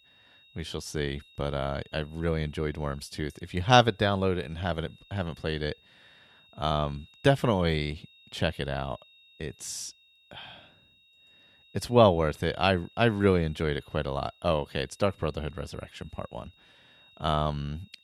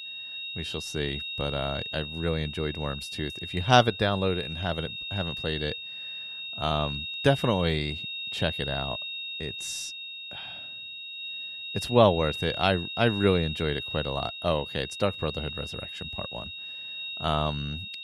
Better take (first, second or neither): first